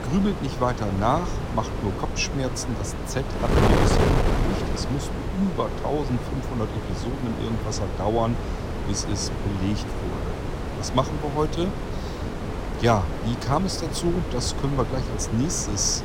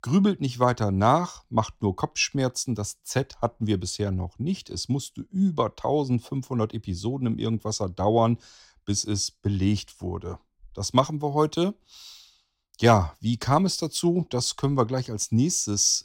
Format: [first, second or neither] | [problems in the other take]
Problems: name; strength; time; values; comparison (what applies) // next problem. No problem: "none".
second | wind noise on the microphone; heavy; 3 dB below the speech